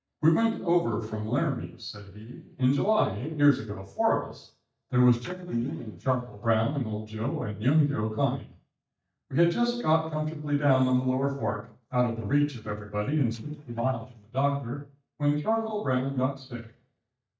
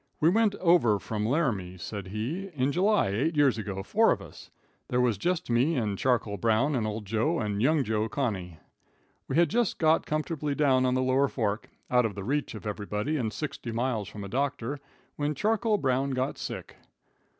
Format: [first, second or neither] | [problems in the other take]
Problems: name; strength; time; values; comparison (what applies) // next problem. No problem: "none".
second | noise reduction (neural mask model DeepFilterNet 3)